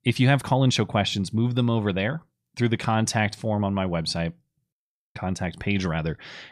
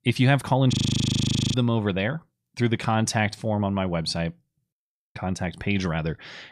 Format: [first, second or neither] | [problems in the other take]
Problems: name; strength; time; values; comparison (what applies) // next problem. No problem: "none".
first | audio freezing; at 0.5 s for 1 s